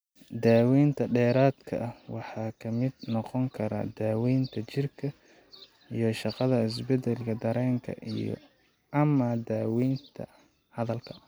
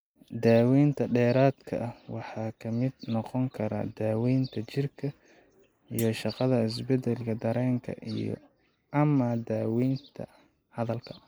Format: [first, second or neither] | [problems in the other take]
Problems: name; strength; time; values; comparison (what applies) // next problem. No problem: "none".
first | noise reduction (neural mask model Resemble Enhance denoiser)